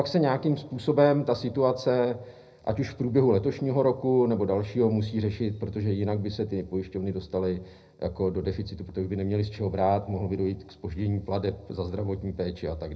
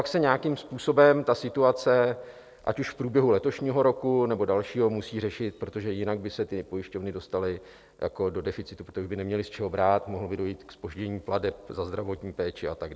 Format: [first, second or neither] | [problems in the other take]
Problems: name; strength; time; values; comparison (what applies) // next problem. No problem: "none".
second | room echo; dies away in 0.4 s